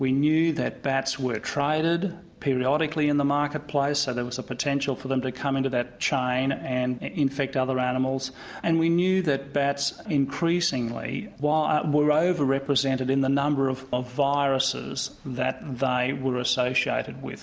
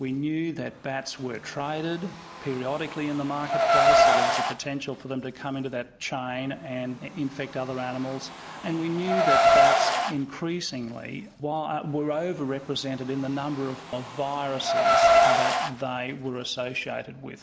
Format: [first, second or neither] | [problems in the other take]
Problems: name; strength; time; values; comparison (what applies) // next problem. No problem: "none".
first | background sound (Car); 4 dB above the speech